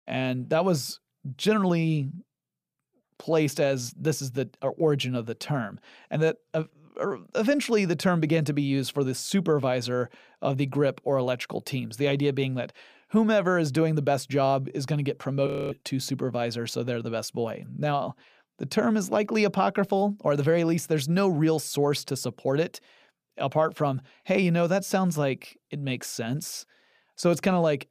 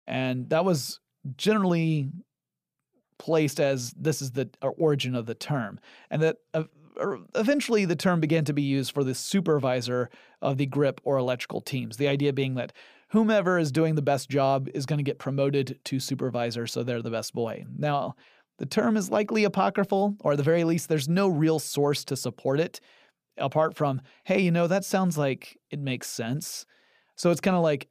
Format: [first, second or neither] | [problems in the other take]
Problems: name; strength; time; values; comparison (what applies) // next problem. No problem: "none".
second | audio freezing; at 15 s